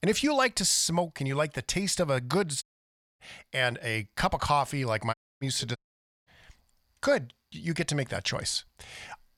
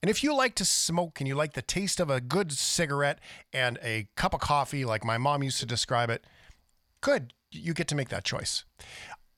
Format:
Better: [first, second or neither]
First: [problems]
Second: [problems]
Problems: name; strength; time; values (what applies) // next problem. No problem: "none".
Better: second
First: audio cutting out; at 2.5 s for 0.5 s, at 5 s and at 6 s for 0.5 s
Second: none